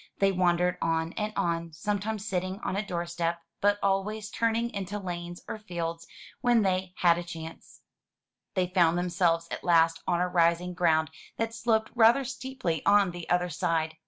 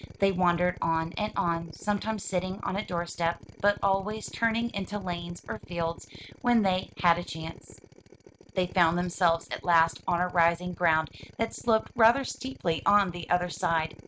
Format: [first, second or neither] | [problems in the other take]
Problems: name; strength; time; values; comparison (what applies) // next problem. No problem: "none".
first | noise reduction (neural mask model RNNoise)